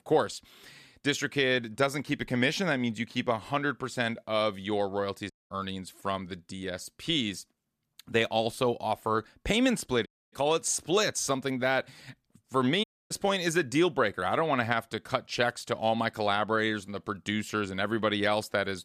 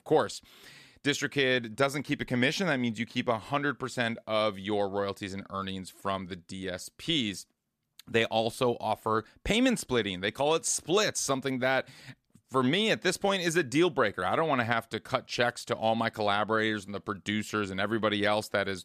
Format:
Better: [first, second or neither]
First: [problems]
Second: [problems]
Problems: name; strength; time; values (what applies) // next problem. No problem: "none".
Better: second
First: audio cutting out; at 5.5 s, at 10 s and at 13 s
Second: none